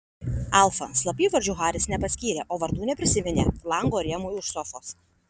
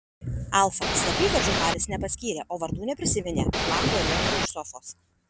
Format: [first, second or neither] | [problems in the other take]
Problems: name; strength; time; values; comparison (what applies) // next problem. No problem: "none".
first | background sound (Ocean / Boat, Water vehicle); 3 dB above the speech